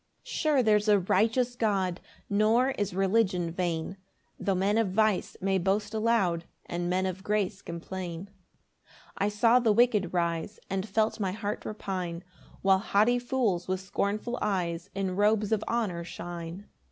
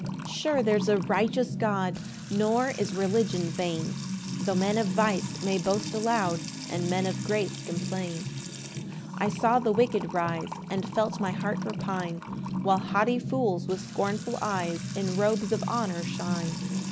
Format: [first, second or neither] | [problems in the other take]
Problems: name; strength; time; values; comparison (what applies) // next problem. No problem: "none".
first | background sound (Trickle, dribble / Water tap, faucet / Music); 5 dB below the speech